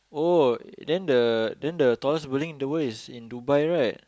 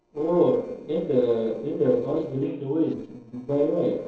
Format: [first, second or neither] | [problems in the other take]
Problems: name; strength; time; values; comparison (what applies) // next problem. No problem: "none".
first | noise reduction (neural separator model SepFormer DNS4)